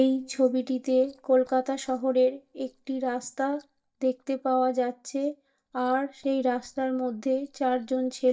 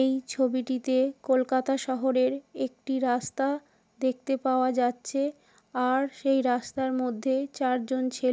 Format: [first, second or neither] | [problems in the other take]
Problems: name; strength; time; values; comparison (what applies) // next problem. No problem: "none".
second | noise reduction (neural mask model DeepFilterNet 3)